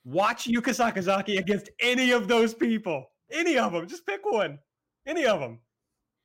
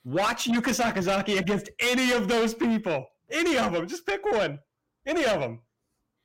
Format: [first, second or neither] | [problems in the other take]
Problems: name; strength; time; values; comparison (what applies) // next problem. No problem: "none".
first | distortion; heavy; 8 dB below the speech